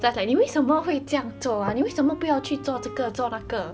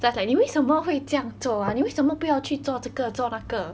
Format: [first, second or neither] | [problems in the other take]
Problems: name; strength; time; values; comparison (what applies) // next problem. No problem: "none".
second | background sound (Wind instrument, woodwind instrument); 18 dB below the speech